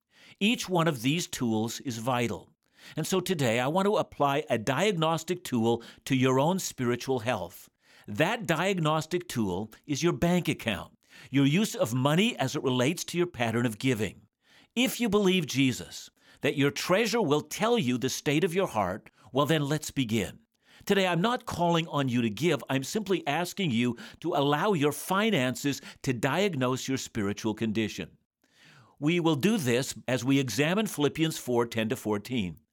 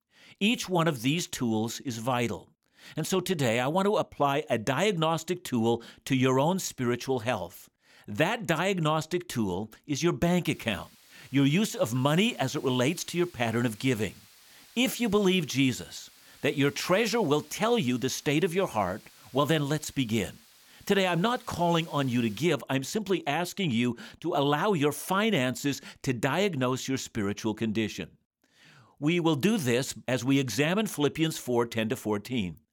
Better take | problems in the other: first | hiss; faint; from 11 to 22 s; 25 dB below the speech

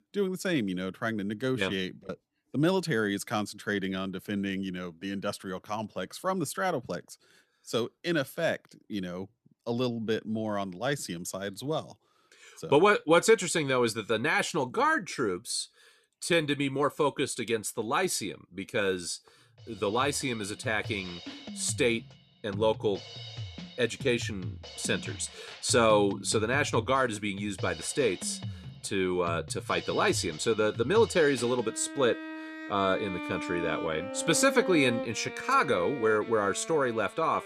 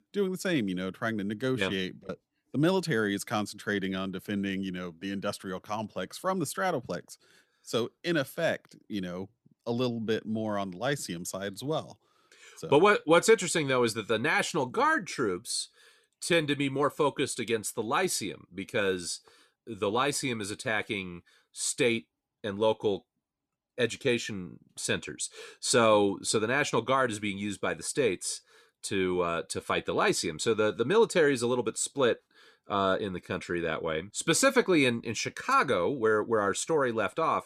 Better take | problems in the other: second | background music; noticeable; from 20 s on; 10 dB below the speech

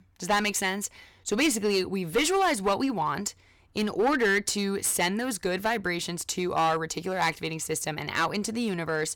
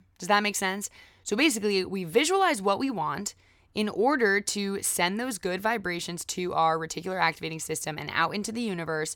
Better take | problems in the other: second | distortion; slight; 6% of the sound clipped

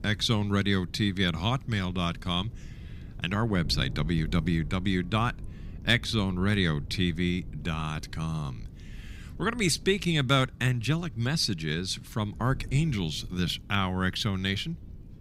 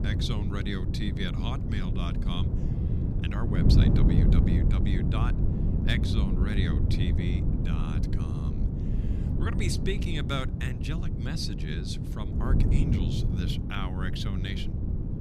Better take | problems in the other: first | wind noise on the microphone; heavy; 2 dB below the speech; occasional gusts in the first

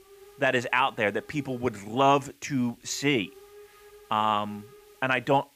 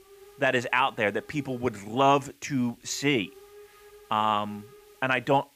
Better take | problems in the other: neither | hiss; faint; throughout; 25 dB below the speech; the same in both

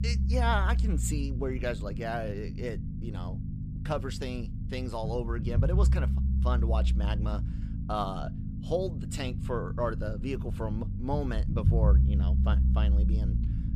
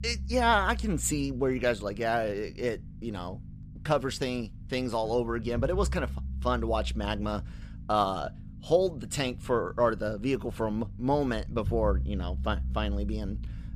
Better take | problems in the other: second | low rumble; loud; throughout; 9 dB below the speech; faint in the second

